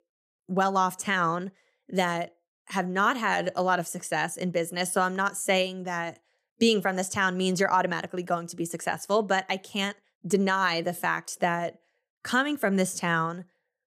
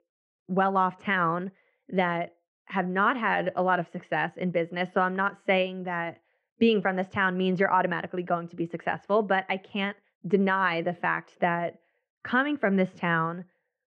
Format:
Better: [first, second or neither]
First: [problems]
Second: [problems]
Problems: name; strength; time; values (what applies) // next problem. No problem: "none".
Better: first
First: none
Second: muffled; very; fading above 2.5 kHz